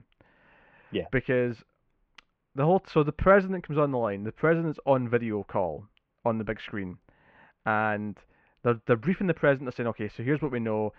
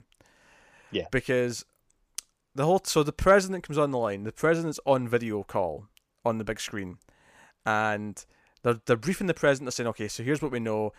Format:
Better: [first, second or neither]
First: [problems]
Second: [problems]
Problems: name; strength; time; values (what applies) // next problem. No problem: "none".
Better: second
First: muffled; very; fading above 2.5 kHz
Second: none